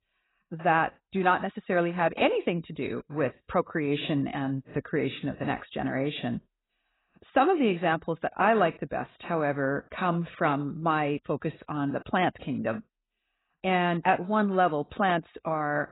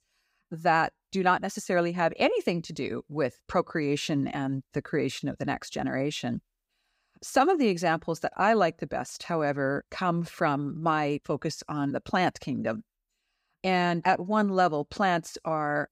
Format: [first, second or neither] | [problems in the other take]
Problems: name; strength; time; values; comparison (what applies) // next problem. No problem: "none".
second | garbled, watery; badly; nothing above 4 kHz